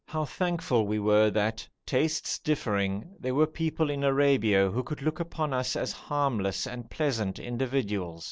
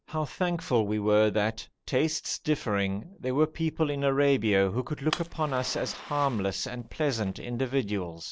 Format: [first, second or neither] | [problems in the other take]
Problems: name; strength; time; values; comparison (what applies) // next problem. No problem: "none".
first | background sound (Fire); 16 dB below the speech